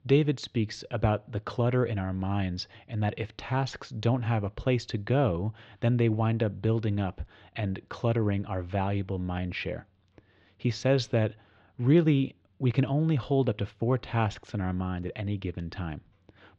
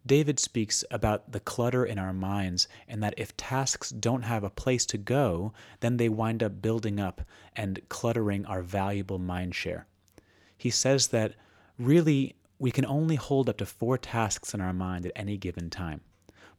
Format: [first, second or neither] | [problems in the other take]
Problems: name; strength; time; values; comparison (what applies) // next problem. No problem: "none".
second | muffled; slightly; fading above 3.5 kHz